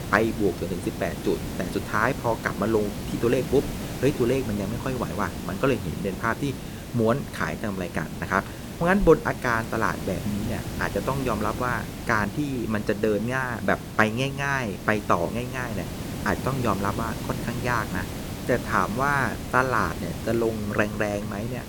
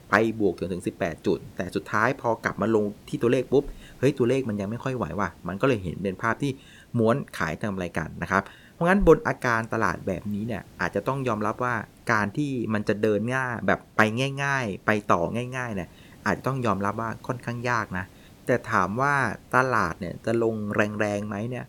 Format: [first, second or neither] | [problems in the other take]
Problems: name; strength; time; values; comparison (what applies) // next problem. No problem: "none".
second | hiss; loud; throughout; 8 dB below the speech; faint in the second